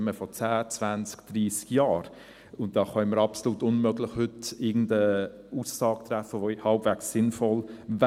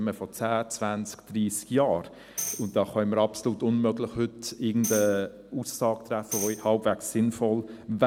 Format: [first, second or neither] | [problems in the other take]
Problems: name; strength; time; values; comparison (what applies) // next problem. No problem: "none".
first | background sound (Tambourine); 12 dB below the speech